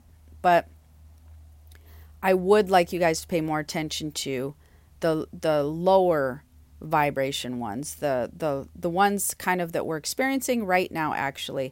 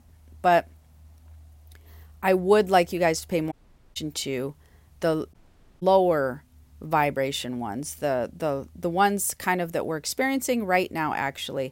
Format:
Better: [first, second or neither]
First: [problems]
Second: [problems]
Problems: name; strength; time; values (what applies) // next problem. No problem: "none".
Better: first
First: none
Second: audio cutting out; at 3.5 s and at 5.5 s